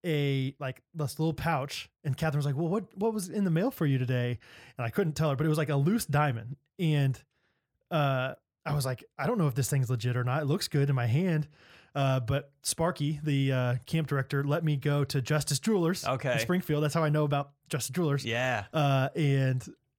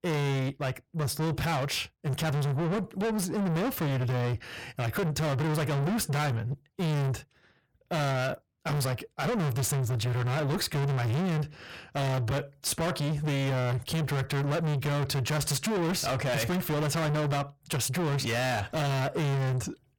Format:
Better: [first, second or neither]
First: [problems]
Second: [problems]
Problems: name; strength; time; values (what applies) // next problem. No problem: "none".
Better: first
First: none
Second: distortion; heavy; 6 dB below the speech